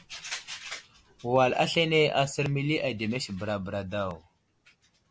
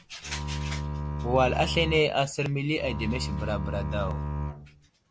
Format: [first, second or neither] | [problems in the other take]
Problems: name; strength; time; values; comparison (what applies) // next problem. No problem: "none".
first | background sound (Bowed string instrument); 3 dB below the speech